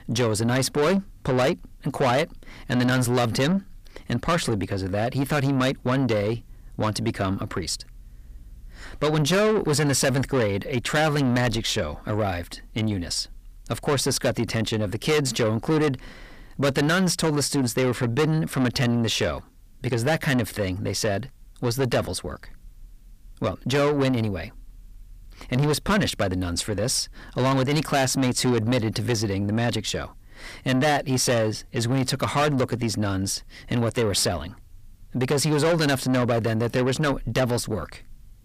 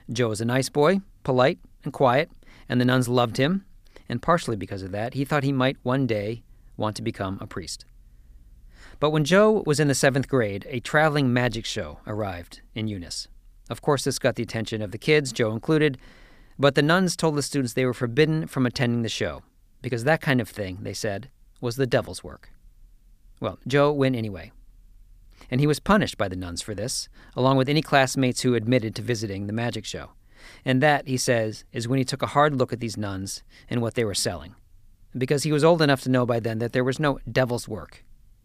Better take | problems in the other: second | distortion; heavy; 6 dB below the speech

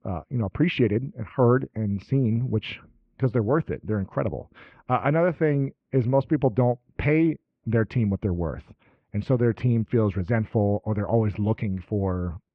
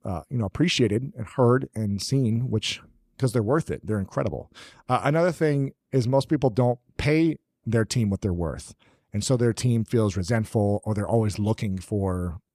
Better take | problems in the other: second | muffled; very; fading above 2.5 kHz

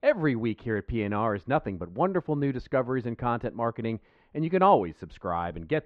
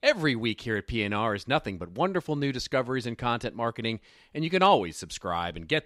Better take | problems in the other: second | muffled; very; fading above 4 kHz

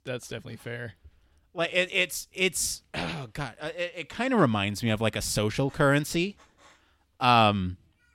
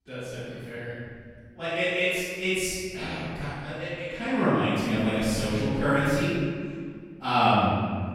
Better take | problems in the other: first | off-mic speech; far // room echo; strong; dies away in 2 s

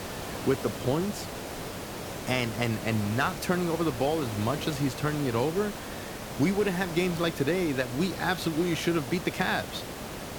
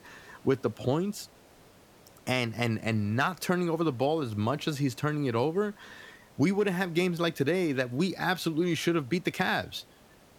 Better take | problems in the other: second | hiss; loud; throughout; 8 dB below the speech; faint in the second

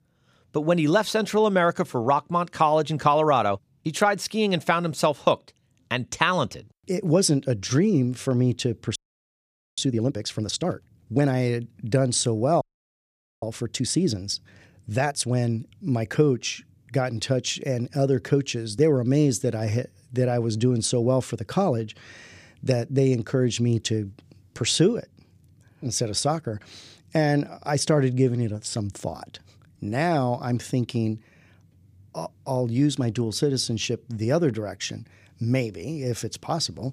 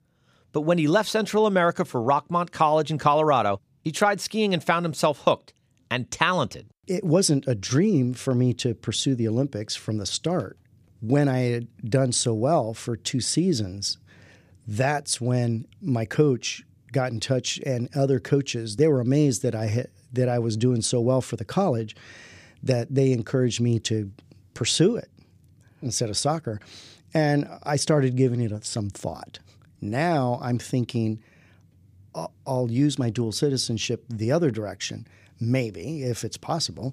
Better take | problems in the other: second | audio freezing; at 9 s for 1 s and at 13 s for 1 s

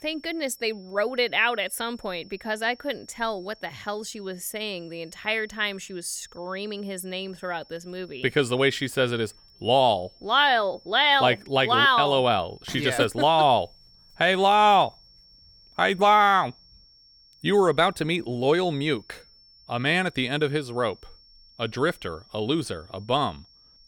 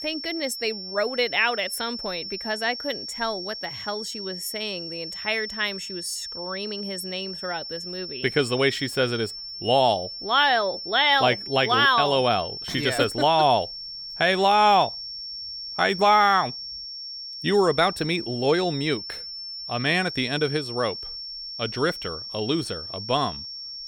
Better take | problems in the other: first | high-pitched whine; loud; throughout; 5.5 kHz, 9 dB below the speech; faint in the first

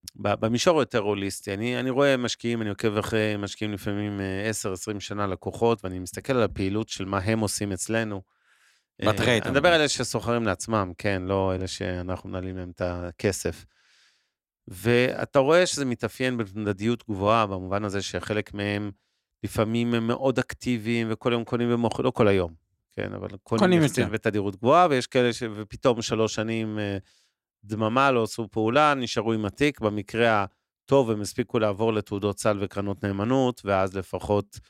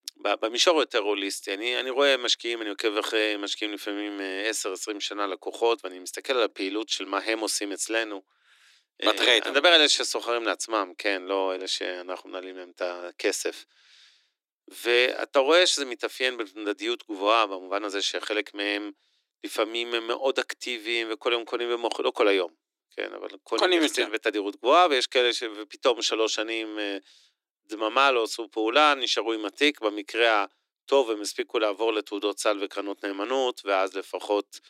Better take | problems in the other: first | thin; somewhat; fading below 300 Hz

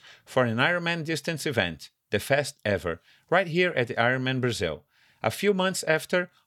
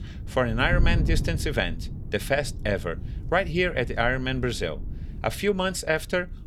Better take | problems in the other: first | wind noise on the microphone; occasional gusts; 20 dB below the speech

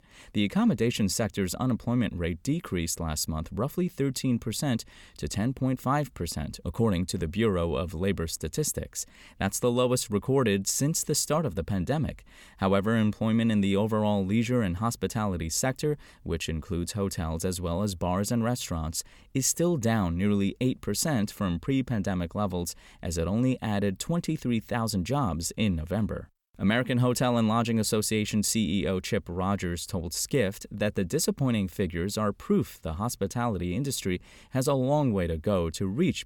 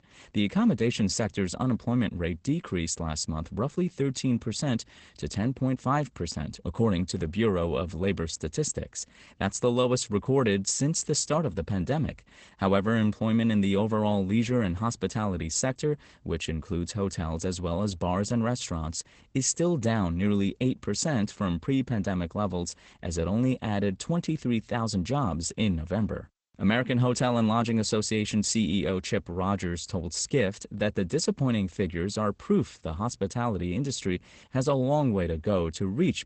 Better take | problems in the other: first | garbled, watery; badly; nothing above 8 kHz

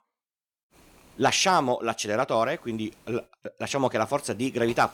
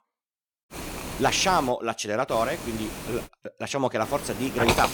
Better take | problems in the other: first | hiss; loud; at 0.5 s, at 2.5 s and at 4 s; 6 dB below the speech; faint in the first

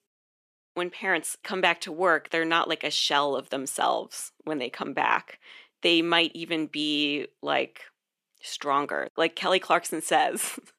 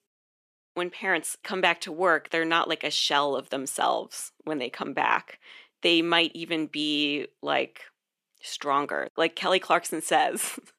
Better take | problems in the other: neither | thin; very slightly; fading below 350 Hz; the same in both

